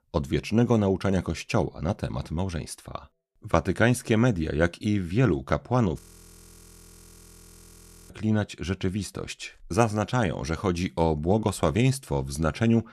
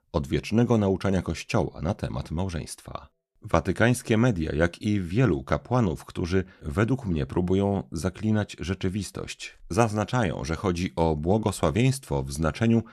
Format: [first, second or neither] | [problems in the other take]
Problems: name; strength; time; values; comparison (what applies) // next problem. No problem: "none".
second | audio freezing; at 6 s for 2 s